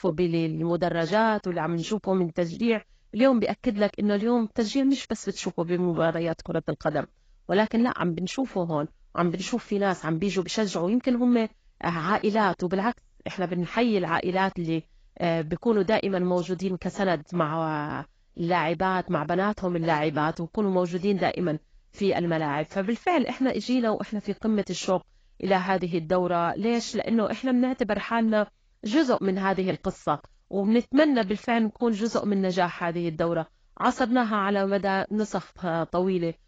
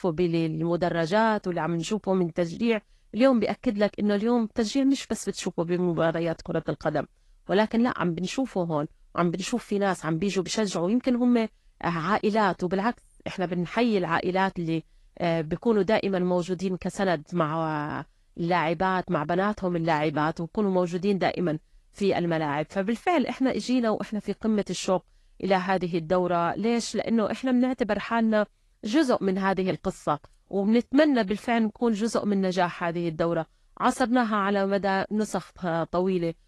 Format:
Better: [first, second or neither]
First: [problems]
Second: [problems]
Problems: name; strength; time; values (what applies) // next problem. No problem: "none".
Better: second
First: garbled, watery; badly; nothing above 7.5 kHz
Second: garbled, watery; slightly; nothing above 11.5 kHz